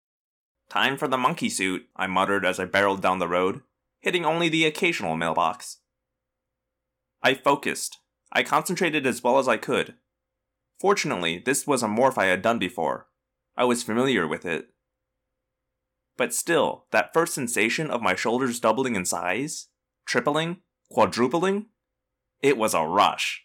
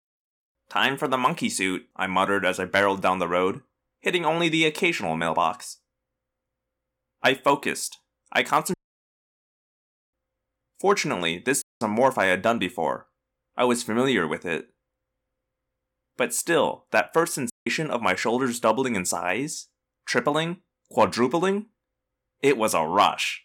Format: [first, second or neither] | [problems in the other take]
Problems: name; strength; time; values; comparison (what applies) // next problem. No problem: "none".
first | audio cutting out; at 8.5 s for 1.5 s, at 12 s and at 18 s